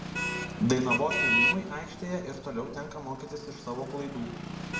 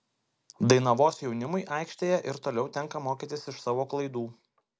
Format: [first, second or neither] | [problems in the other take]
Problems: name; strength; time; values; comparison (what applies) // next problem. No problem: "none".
second | background sound (Motor vehicle (road)); 1 dB above the speech // room echo; dies away in 0.8 s